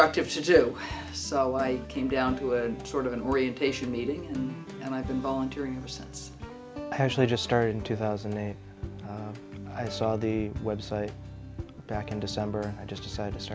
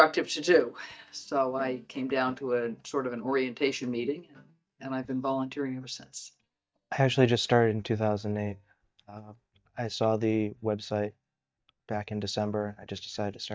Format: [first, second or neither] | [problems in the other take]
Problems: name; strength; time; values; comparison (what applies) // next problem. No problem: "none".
first | noise reduction (neural mask model DeepFilterNet 3)